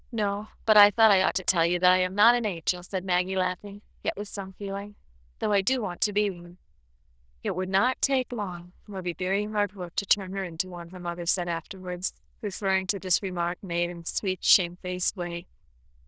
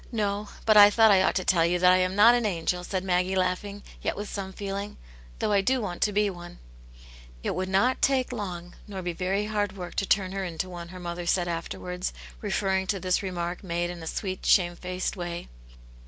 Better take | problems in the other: second | noise reduction (neural diffusion model UNIVERSE++)

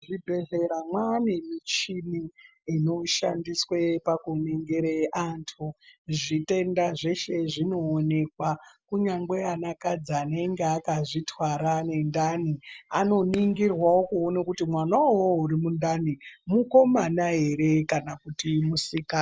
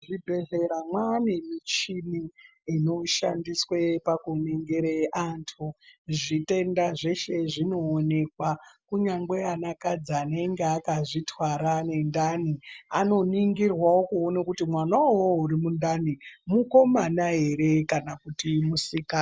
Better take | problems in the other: second | background sound (Fireworks); 19 dB below the speech

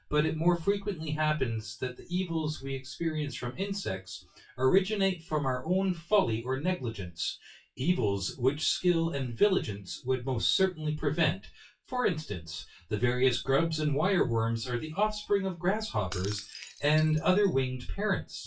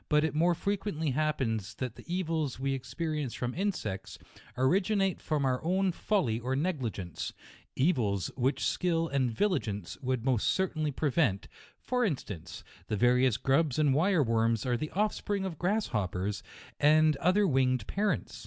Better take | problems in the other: second | noise reduction (classical method WPE with log-MMSE)

